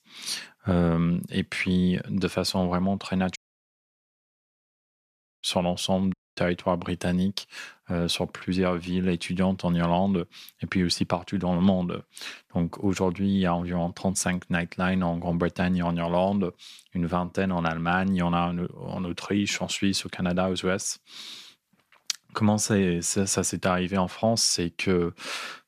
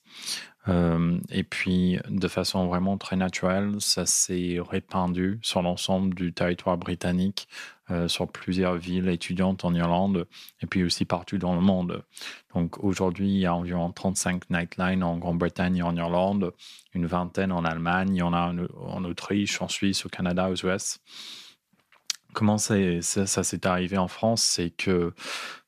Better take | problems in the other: second | audio cutting out; at 3.5 s for 2 s and at 6 s

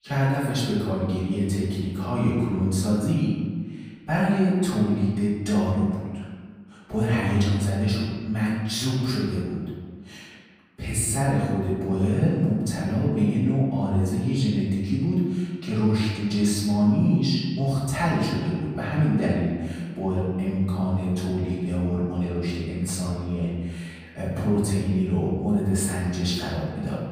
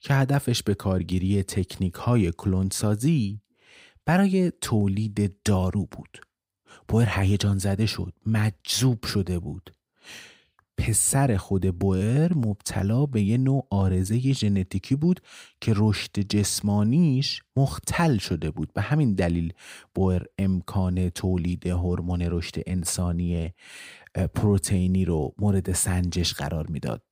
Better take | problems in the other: second | off-mic speech; far // room echo; strong; dies away in 1.5 s

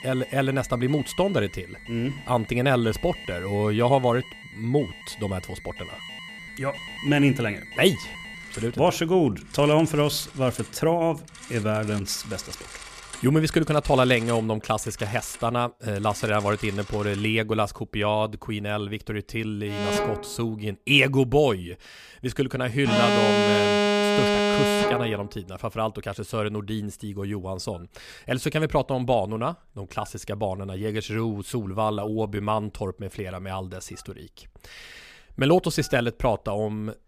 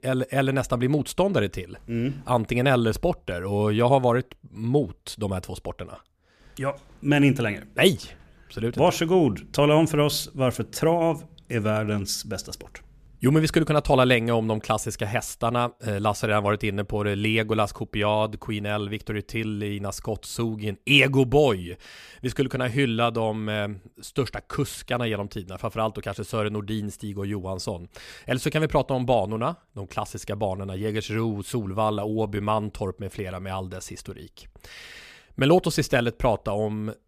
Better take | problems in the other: second | alarms or sirens; loud; throughout; 4 dB below the speech

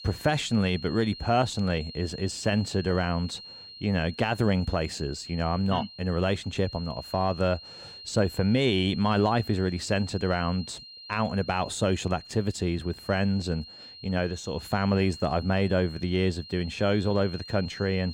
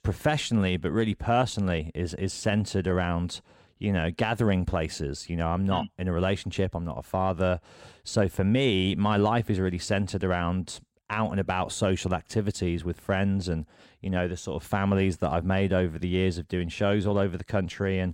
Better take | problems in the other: second | high-pitched whine; noticeable; throughout; 4 kHz, 15 dB below the speech

